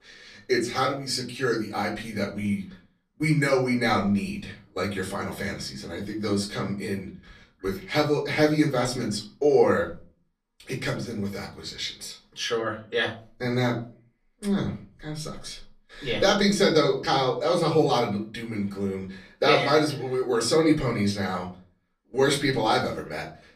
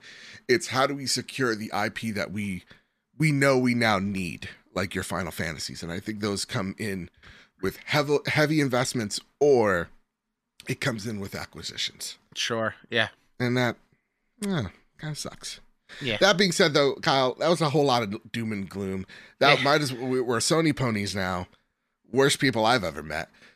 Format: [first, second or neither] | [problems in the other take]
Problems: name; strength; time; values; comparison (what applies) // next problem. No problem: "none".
second | room echo; slight; dies away in 0.4 s // off-mic speech; far